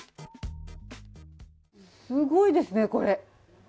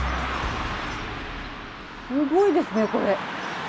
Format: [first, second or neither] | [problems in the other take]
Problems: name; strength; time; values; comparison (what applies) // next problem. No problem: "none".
first | background sound (Car passing by / Traffic noise, roadway noise + Engine / Vehicle); 4 dB below the speech